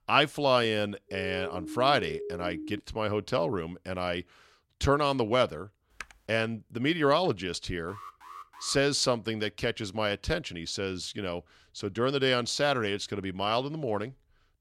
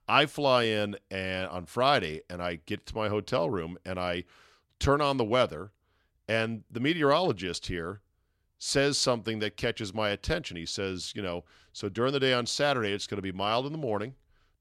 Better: second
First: siren; noticeable; from 1 to 3 s; peak 9 dB below the speech // keyboard typing; very faint; at 6 s; peak 15 dB below the speech // alarm; faint; at 8 s; peak 15 dB below the speech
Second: none

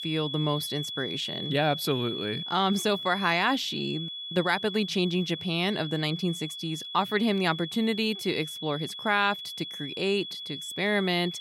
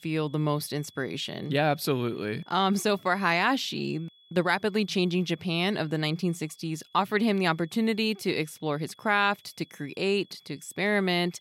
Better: second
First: high-pitched whine; loud; throughout; 3.5 kHz, 7 dB below the speech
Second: high-pitched whine; faint; throughout; 3.5 kHz, 30 dB below the speech

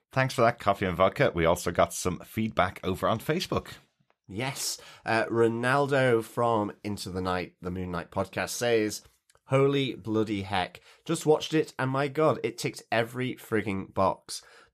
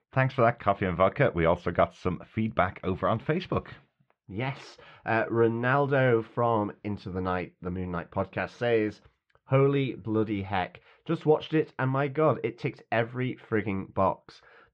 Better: first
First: none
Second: muffled; very; fading above 2.5 kHz

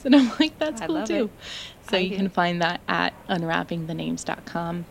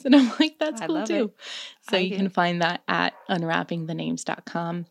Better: second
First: hiss; faint; throughout; 25 dB below the speech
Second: none

